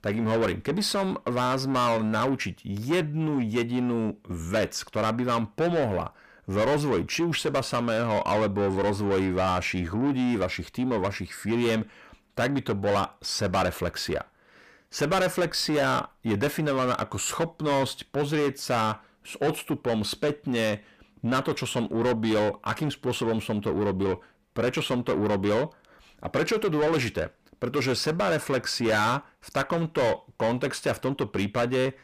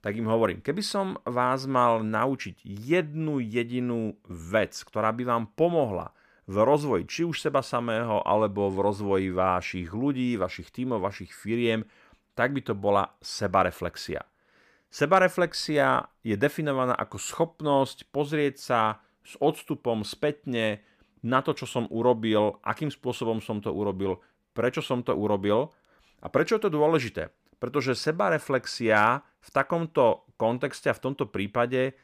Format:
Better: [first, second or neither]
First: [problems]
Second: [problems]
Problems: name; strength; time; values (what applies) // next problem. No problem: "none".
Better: second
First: distortion; heavy; 7 dB below the speech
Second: none